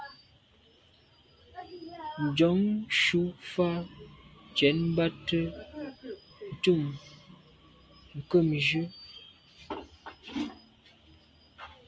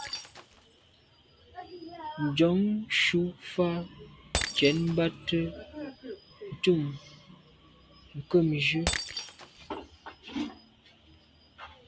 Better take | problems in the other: first | background sound (Shatter); 11 dB below the speech

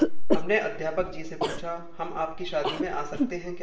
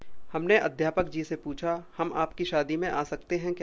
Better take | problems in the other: second | background sound (Cough); 5 dB below the speech // room echo; dies away in 0.6 s

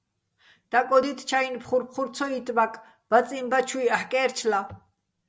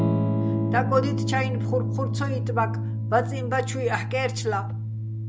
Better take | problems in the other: first | background sound (Electric guitar / Strum); 2 dB above the speech

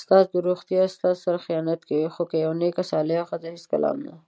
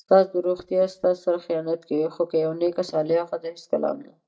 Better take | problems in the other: first | noise reduction (neural mask model DeepFilterNet 3)

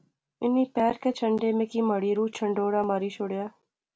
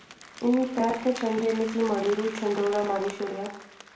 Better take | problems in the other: first | background sound (Applause); 15 dB below the speech // room echo; dies away in 0.8 s

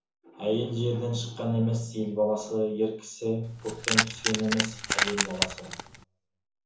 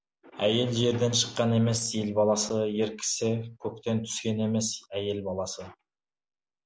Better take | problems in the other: second | background sound (Keys jangling); as loud as the speech // room echo; dies away in 0.7 s

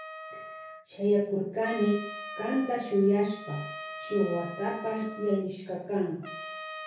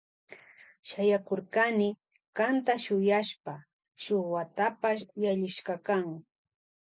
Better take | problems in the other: second | background sound (Trumpet); 12 dB below the speech // room echo; dies away in 0.6 s

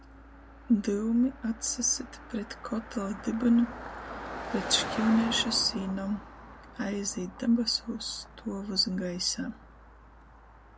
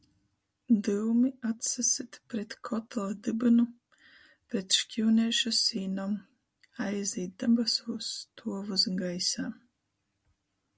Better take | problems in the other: second | background sound (Car passing by); 12 dB below the speech

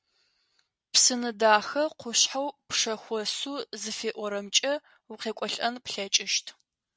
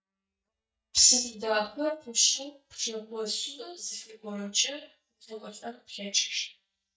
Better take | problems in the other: first | noise reduction (neural mask model DeepFilterNet 3)

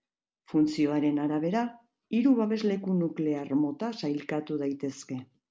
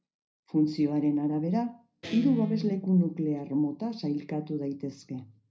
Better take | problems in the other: first | background sound (Guitar); 13 dB below the speech // room echo; dies away in 0.3 s

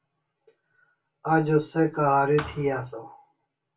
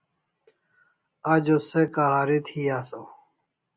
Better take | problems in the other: second | background sound (Thump, thud); 15 dB below the speech // room echo; dies away in 0.2 s

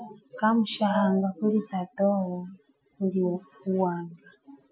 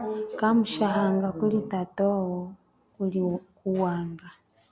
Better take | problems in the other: second | noise reduction (classical method Wiener filter)

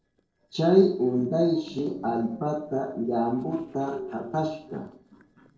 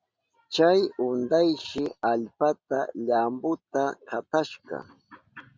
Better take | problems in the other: second | noise reduction (neural separator model SepFormer DNS4)

